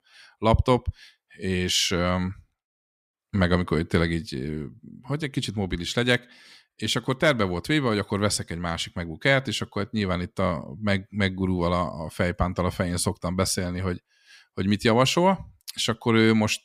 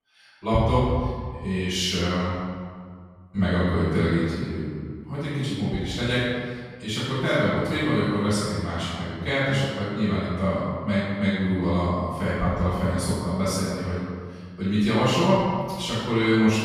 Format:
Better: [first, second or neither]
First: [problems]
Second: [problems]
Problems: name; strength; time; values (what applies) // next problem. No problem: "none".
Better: first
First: none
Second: off-mic speech; far // room echo; strong; dies away in 1.6 s